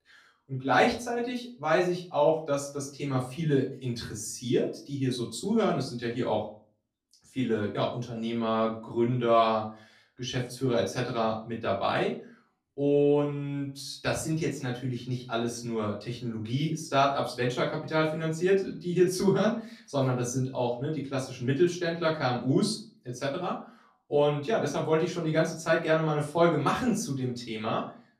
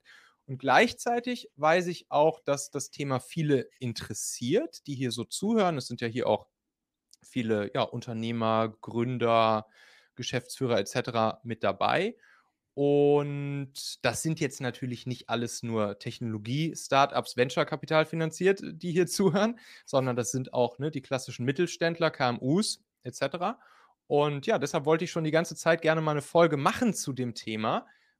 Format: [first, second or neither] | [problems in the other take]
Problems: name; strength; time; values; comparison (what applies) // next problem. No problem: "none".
second | room echo; slight; dies away in 0.3 s // off-mic speech; far